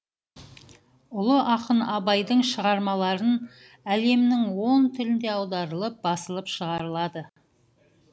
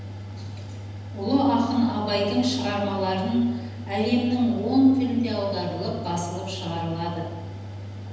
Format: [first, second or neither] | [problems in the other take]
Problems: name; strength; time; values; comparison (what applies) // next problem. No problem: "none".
first | background sound (Mechanical fan); 11 dB below the speech // room echo; dies away in 1.1 s